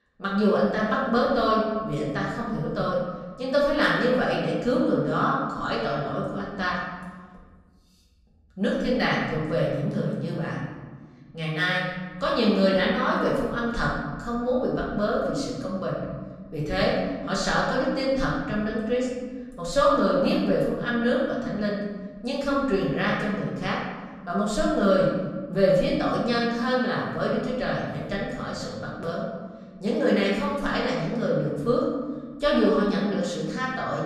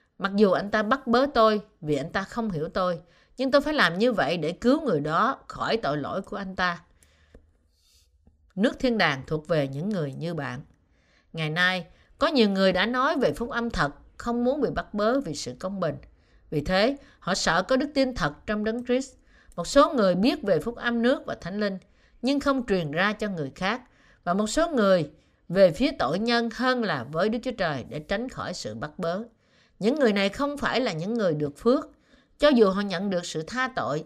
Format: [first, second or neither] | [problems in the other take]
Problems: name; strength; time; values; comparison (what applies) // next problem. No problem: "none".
second | room echo; noticeable; dies away in 1.4 s // off-mic speech; far